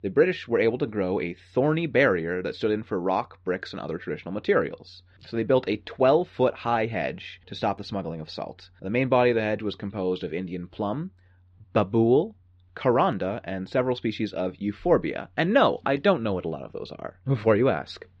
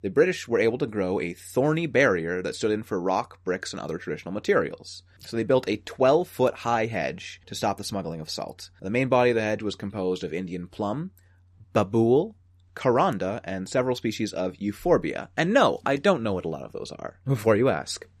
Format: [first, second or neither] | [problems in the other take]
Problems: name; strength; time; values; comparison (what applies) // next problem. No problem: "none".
second | muffled; very slightly; fading above 3.5 kHz